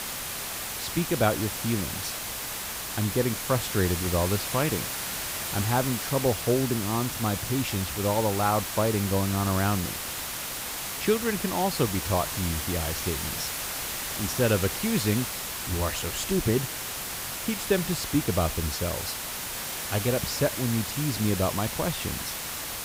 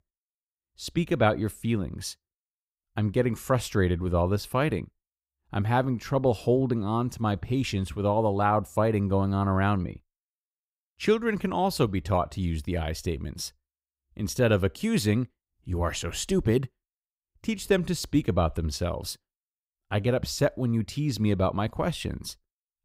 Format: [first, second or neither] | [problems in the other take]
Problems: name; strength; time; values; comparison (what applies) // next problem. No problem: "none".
second | hiss; loud; throughout; 3 dB below the speech